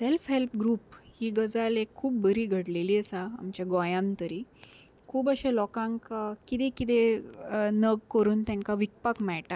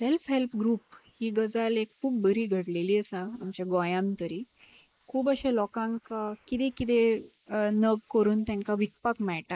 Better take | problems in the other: first | noise reduction (neural mask model Resemble Enhance denoiser)

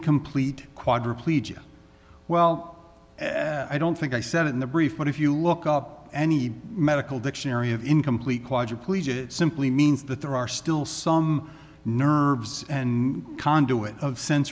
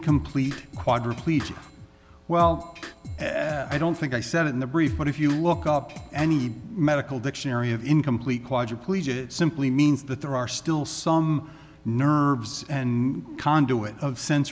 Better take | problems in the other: first | background sound (Drum kit); 12 dB below the speech

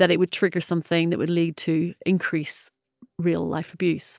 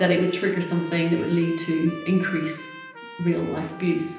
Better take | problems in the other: first | background sound (Trumpet); 17 dB below the speech // room echo; dies away in 0.9 s

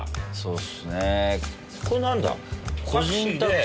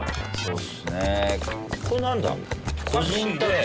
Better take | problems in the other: first | background sound (Telephone + Keyboard (musical)); 7 dB below the speech

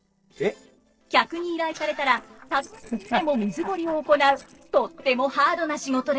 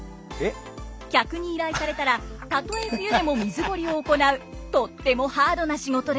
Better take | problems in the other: second | noise reduction (neural separator model SepFormer DNS4)

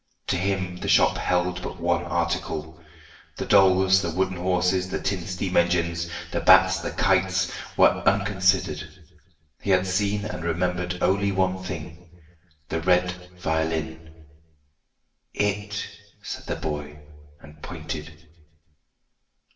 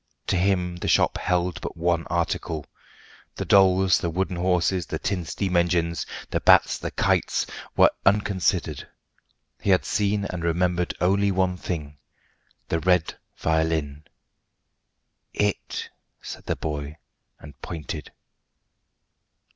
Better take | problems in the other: second | room echo; dies away in 0.8 s

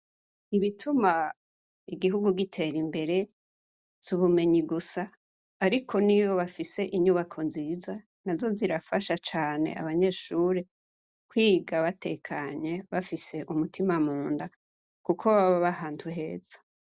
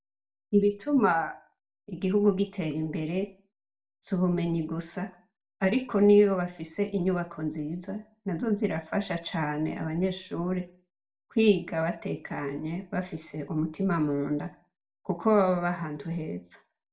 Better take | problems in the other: first | room echo; dies away in 0.4 s

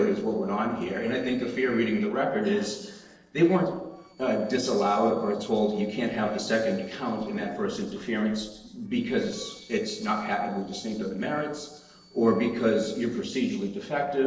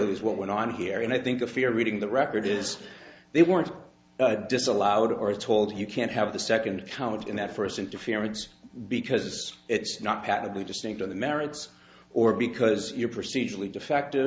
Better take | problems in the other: second | noise reduction (neural separator model SepFormer DNS4)

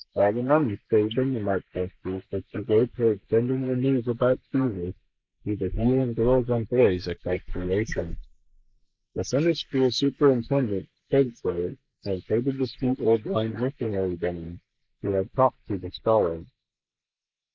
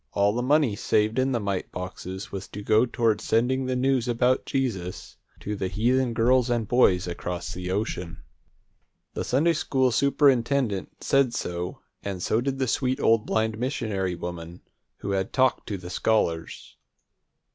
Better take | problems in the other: second | noise reduction (neural mask model Resemble Enhance denoiser)

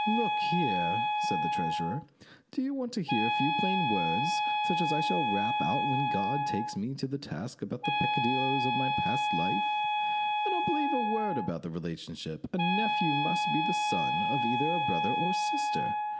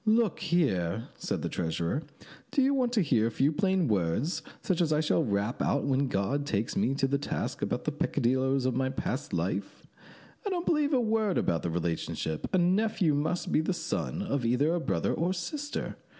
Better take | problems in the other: second | background sound (Wind instrument, woodwind instrument); 4 dB above the speech

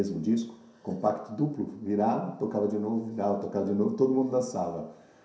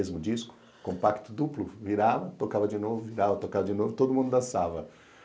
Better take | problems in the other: second | room echo; dies away in 0.7 s

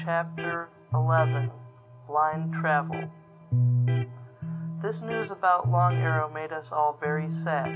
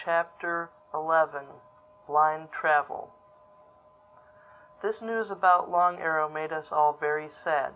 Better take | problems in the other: second | background sound (Electric guitar); as loud as the speech

